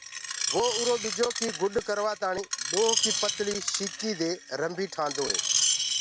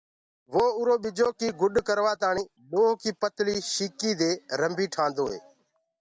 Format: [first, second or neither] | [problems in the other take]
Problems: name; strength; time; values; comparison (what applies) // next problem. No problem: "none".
second | background sound (Screech); 1 dB below the speech